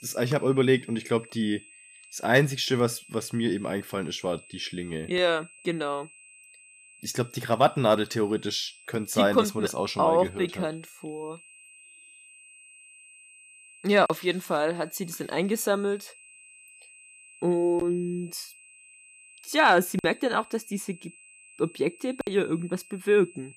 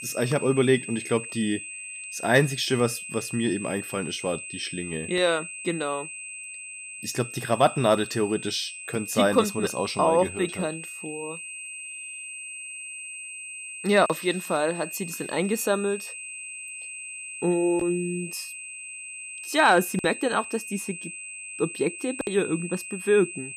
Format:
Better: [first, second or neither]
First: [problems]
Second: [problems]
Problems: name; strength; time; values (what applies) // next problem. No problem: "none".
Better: first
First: high-pitched whine; faint; throughout; 2.5 kHz, 25 dB below the speech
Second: high-pitched whine; loud; throughout; 2.5 kHz, 10 dB below the speech